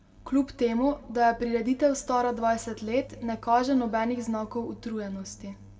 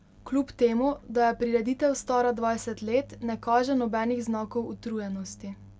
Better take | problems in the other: second | room echo; dies away in 0.8 s

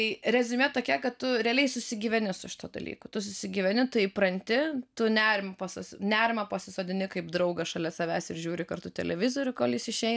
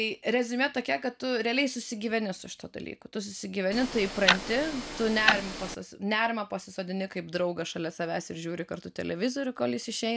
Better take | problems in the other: first | background sound (Tick-tock); as loud as the speech

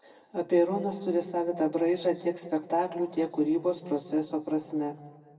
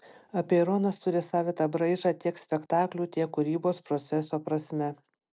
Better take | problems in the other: second | room echo; dies away in 1.3 s

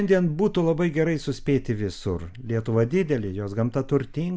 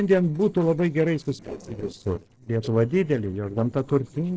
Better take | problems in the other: first | noise reduction (neural separator model SepFormer DNS4)

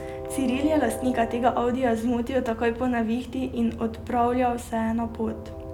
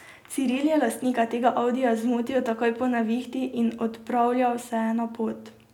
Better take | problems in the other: second | background sound (Train); 11 dB below the speech

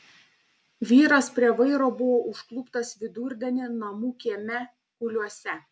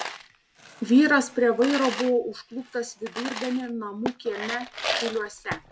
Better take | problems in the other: first | background sound (Coin (dropping)); 10 dB below the speech

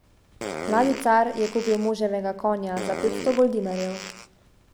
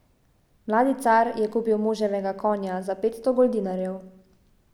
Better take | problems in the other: second | background sound (Fart); 11 dB below the speech

